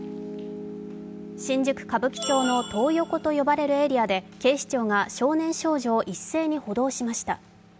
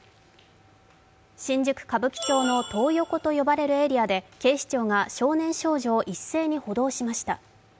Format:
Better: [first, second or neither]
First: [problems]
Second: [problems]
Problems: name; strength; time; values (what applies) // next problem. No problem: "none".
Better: second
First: background sound (Piano); 16 dB below the speech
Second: none